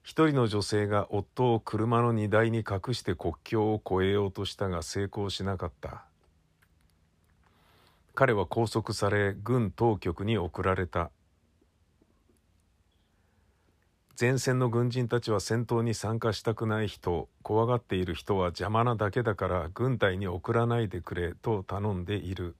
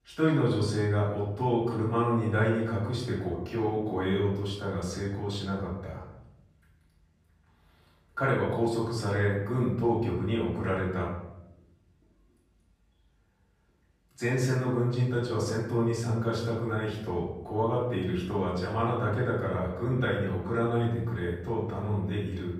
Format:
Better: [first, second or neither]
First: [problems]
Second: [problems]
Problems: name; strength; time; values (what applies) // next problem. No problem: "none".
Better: first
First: none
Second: off-mic speech; far // room echo; noticeable; dies away in 0.8 s